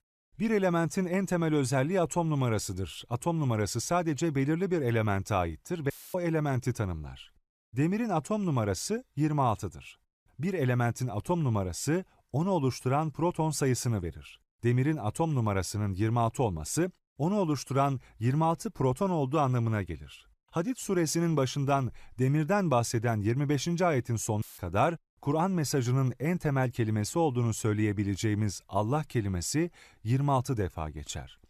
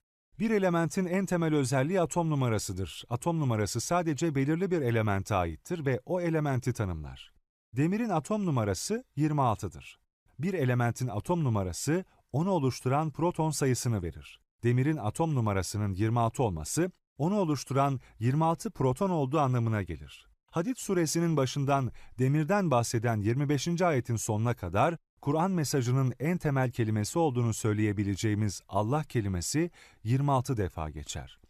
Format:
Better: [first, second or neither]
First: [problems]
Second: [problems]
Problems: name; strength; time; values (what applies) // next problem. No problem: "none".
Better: second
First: audio cutting out; filled with static; at 6 s and at 24 s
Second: none